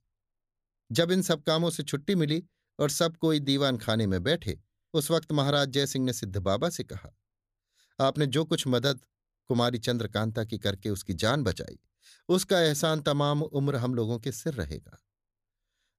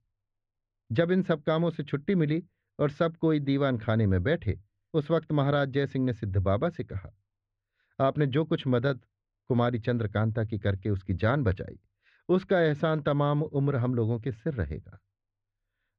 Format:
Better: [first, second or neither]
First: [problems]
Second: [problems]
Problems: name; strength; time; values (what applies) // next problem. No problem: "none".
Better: first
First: none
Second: muffled; very; fading above 2.5 kHz